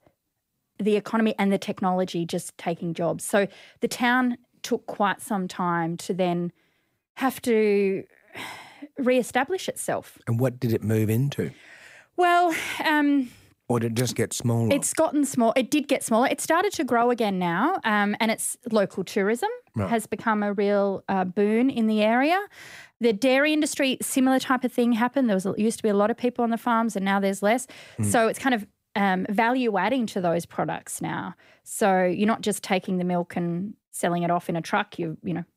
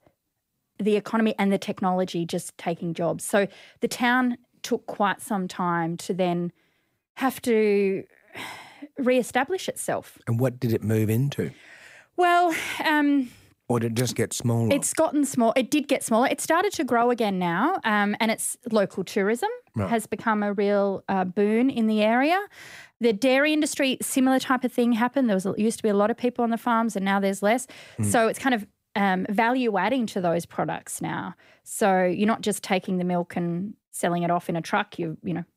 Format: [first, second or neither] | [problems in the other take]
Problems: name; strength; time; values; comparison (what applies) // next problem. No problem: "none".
neither | none